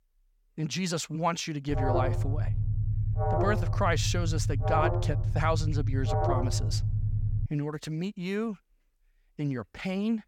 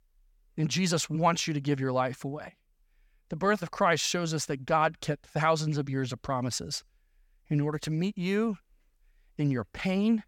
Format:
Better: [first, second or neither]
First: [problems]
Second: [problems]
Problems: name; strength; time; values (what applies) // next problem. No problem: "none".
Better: second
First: alarm; loud; from 1.5 to 7.5 s; peak 4 dB above the speech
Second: none